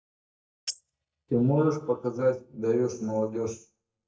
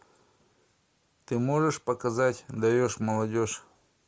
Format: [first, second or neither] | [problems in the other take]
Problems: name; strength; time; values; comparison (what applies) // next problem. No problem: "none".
second | noise reduction (neural mask model DeepFilterNet 3)